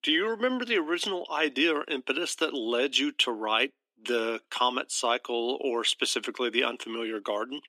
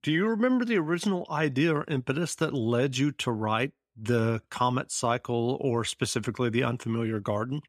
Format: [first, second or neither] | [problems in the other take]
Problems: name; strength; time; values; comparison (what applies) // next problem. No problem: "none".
second | thin; somewhat; fading below 300 Hz